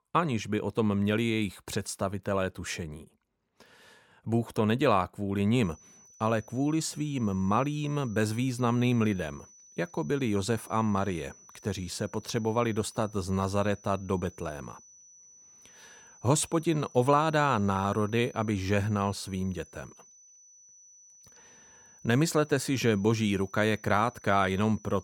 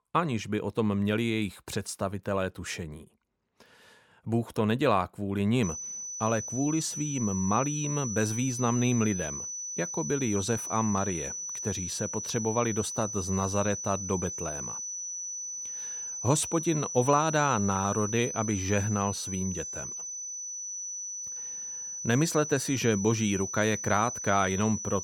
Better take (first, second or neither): first